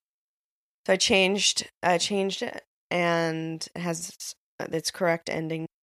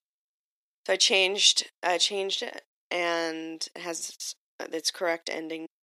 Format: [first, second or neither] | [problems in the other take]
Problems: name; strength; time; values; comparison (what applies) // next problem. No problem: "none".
first | thin; somewhat; fading below 300 Hz